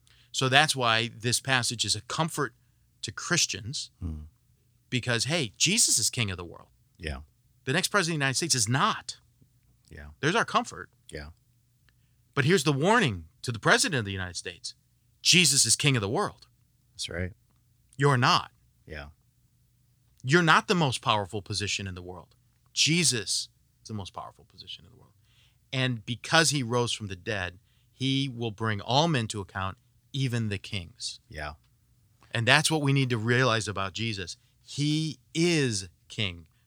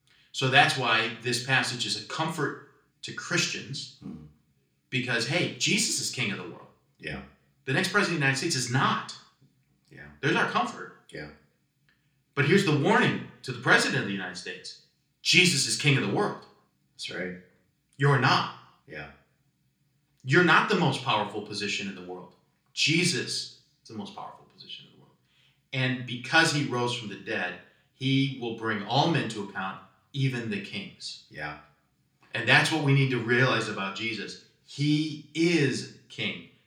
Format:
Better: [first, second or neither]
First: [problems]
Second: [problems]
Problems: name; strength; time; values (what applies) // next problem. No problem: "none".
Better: first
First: none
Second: room echo; slight; dies away in 0.4 s // off-mic speech; somewhat distant